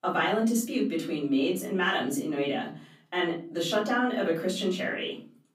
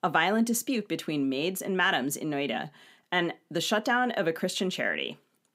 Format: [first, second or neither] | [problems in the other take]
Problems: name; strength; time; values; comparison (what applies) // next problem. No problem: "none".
second | room echo; slight; dies away in 0.4 s // off-mic speech; far